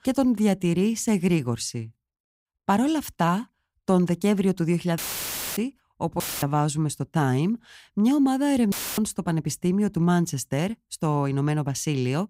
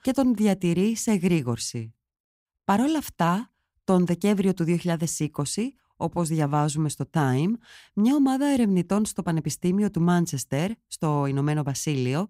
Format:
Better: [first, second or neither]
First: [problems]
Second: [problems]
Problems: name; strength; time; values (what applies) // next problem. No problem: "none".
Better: second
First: audio cutting out; filled with static; at 5 s for 0.5 s, at 6 s and at 8.5 s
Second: none